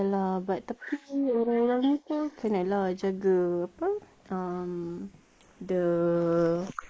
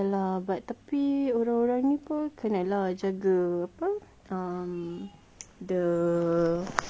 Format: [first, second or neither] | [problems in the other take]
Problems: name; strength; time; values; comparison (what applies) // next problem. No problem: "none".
second | noise reduction (neural mask model Resemble Enhance denoiser)